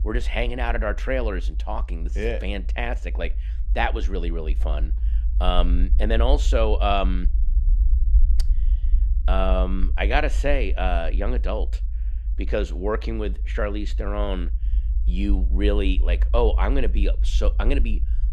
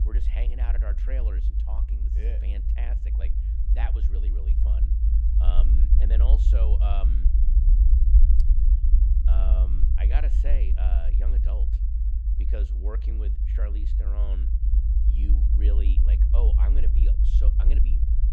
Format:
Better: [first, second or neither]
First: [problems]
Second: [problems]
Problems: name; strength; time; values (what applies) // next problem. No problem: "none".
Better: first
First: low rumble; faint; throughout; 20 dB below the speech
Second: low rumble; loud; throughout; 2 dB below the speech